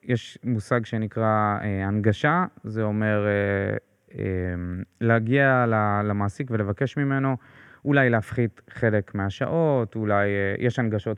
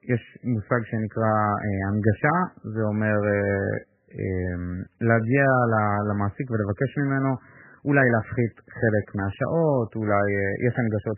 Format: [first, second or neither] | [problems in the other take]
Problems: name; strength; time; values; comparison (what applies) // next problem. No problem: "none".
first | garbled, watery; badly; nothing above 2.5 kHz